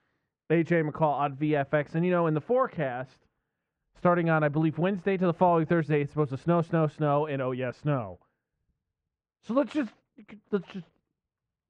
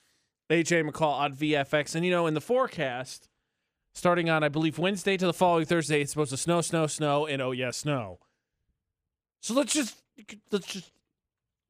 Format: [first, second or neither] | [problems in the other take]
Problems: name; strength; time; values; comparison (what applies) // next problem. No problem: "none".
second | muffled; very; fading above 1.5 kHz